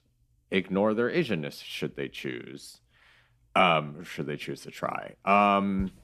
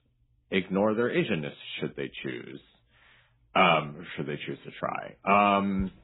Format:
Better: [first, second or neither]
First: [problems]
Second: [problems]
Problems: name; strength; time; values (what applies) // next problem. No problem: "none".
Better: first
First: none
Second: garbled, watery; badly; nothing above 3.5 kHz